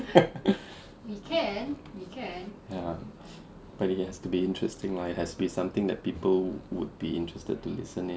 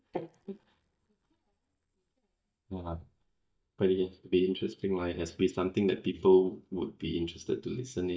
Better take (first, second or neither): first